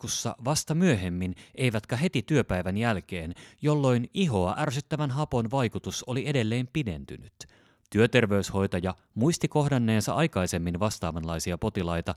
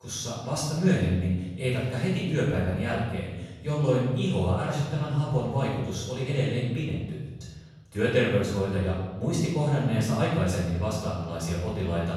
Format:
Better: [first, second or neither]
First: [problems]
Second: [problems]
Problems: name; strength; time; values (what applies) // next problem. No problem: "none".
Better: first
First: none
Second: off-mic speech; far // room echo; noticeable; dies away in 1.1 s